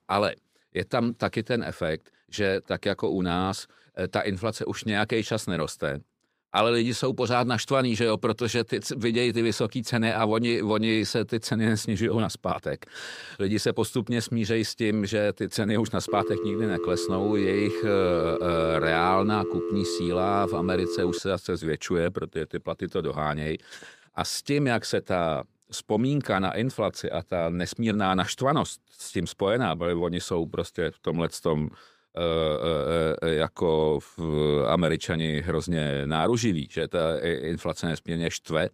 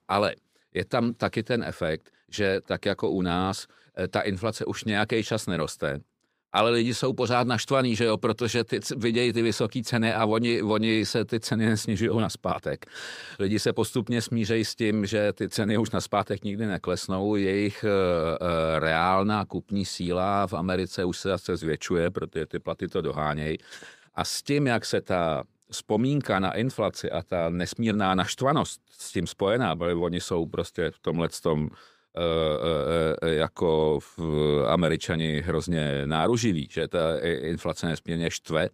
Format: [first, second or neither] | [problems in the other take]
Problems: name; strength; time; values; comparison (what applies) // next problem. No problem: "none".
second | phone ringing; noticeable; from 16 to 21 s; peak 4 dB below the speech